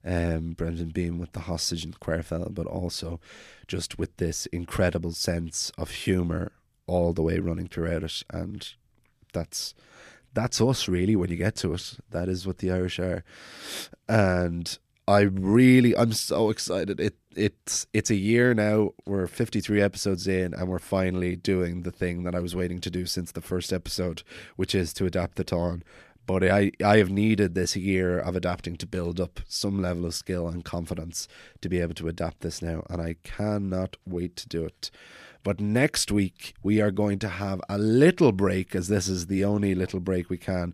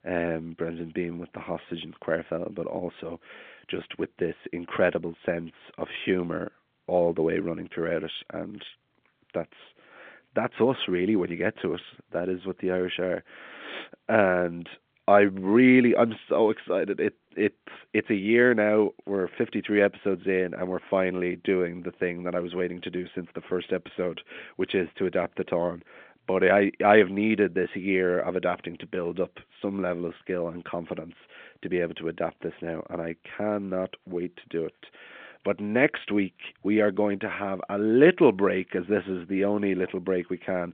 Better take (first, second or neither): first